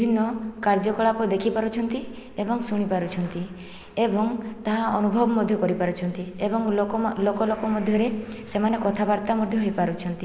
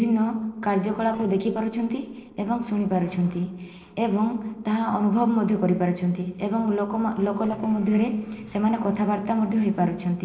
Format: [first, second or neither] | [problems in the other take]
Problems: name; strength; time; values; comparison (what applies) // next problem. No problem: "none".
first | noise reduction (neural separator model SepFormer DNS4)